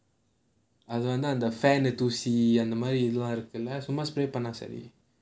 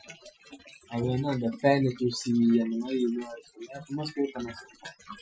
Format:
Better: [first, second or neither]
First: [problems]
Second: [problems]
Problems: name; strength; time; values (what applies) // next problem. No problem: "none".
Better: first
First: none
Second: noise reduction (classical method Wiener filter)